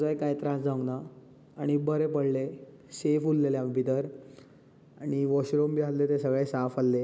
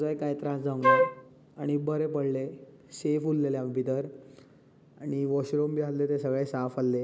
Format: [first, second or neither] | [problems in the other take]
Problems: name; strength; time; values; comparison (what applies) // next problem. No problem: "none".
first | background sound (Wind instrument, woodwind instrument); 5 dB above the speech